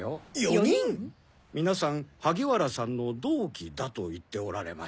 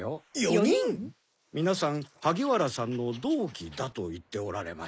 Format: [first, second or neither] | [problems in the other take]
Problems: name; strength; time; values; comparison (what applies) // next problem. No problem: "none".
first | noise reduction (neural mask model Resemble Enhance denoiser)